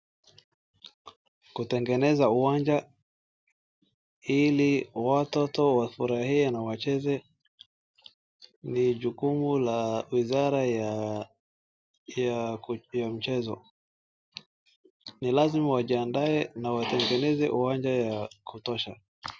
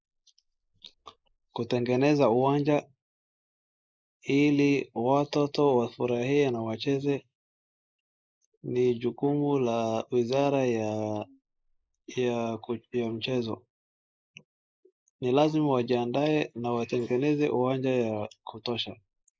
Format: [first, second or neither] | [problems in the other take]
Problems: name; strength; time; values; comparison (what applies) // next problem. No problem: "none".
first | noise reduction (neural mask model Resemble Enhance denoiser)